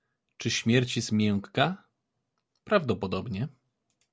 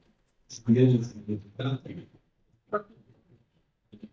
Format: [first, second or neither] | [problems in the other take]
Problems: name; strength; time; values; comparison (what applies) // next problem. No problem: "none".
first | noise reduction (neural mask model DeepFilterNet 3)